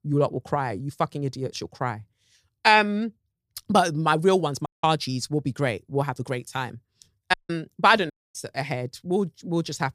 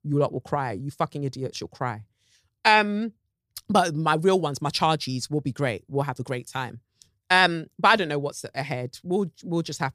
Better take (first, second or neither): second